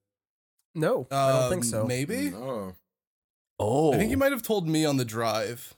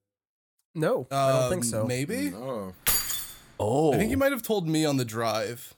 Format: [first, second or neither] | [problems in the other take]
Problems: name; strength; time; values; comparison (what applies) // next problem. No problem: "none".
first | jangling keys; loud; at 3 s; peak 3 dB above the speech